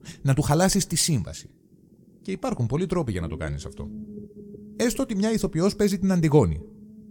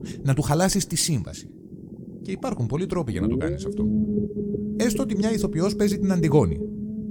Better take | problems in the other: first | low rumble; loud; throughout; 6 dB below the speech; faint in the first

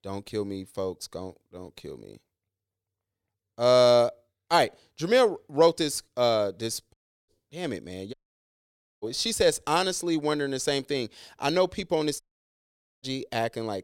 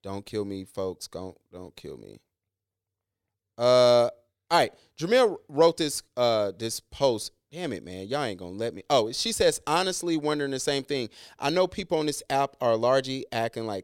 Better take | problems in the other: second | audio cutting out; at 7 s, at 8 s for 1 s and at 12 s for 1 s

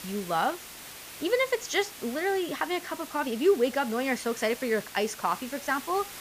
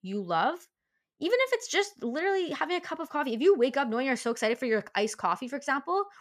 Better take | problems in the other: second | hiss; noticeable; throughout; 15 dB below the speech

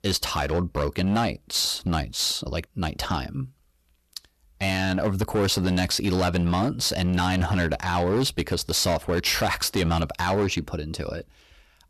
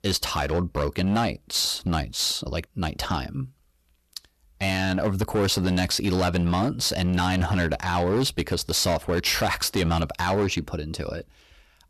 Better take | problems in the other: neither | distortion; slight; 10% of the sound clipped; the same in both

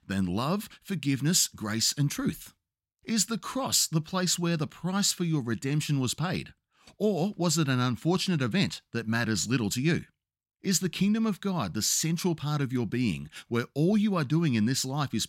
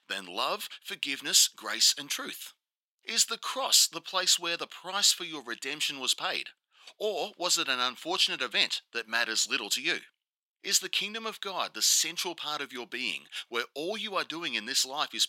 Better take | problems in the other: first | thin; very; fading below 500 Hz

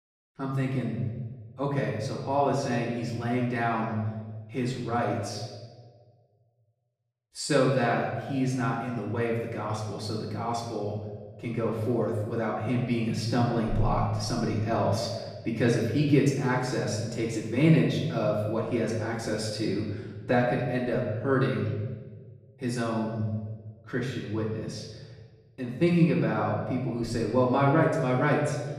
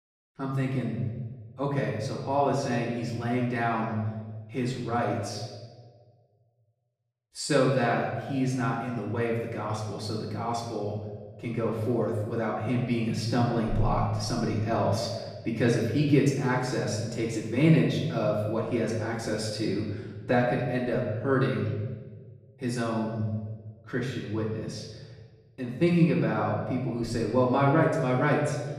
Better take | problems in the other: neither | off-mic speech; far; the same in both // room echo; noticeable; dies away in 1.2 s; the same in both

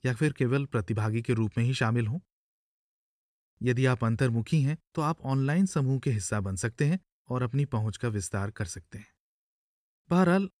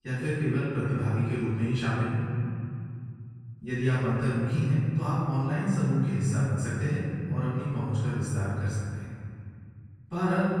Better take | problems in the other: first | room echo; strong; dies away in 2.7 s // off-mic speech; far

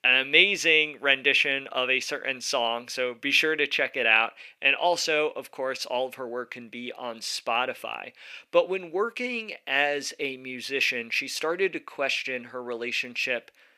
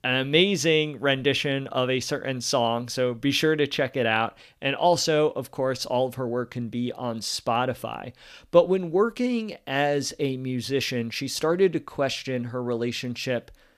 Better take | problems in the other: second | thin; somewhat; fading below 350 Hz

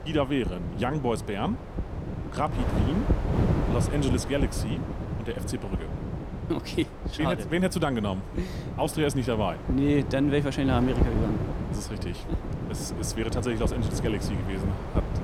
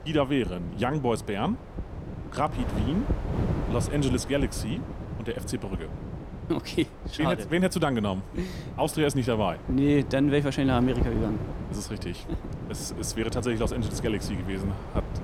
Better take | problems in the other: second | wind noise on the microphone; heavy; 6 dB below the speech; occasional gusts in the second

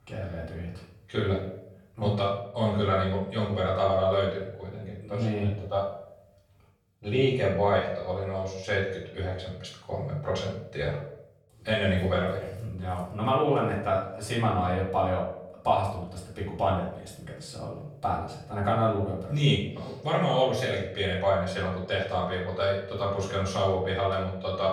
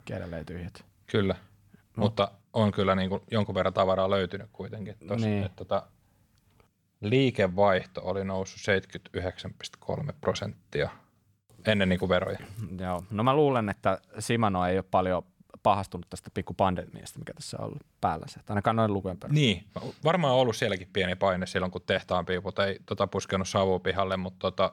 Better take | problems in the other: second | off-mic speech; far // room echo; noticeable; dies away in 0.6 s

